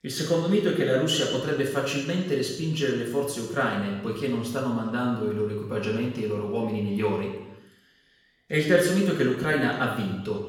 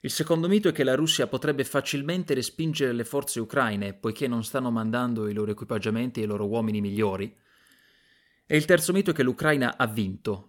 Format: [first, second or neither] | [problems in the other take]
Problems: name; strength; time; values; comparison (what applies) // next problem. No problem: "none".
second | room echo; noticeable; dies away in 0.9 s // off-mic speech; far